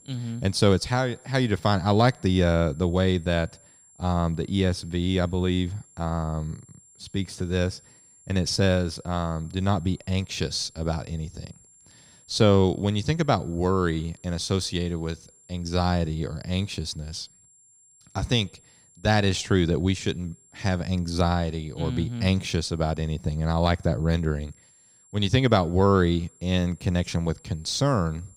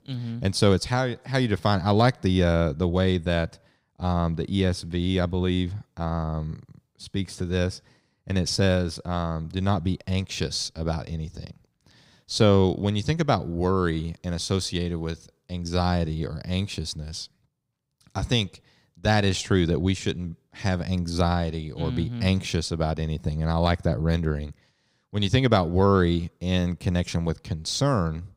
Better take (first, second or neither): second